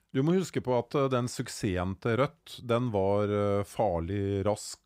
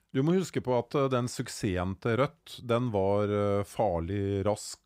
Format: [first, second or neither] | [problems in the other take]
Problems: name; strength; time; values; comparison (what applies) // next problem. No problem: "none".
neither | none